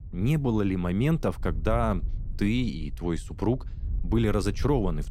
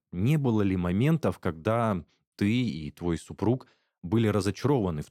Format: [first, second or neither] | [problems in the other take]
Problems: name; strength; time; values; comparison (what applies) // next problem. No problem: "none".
second | wind noise on the microphone; occasional gusts; 25 dB below the speech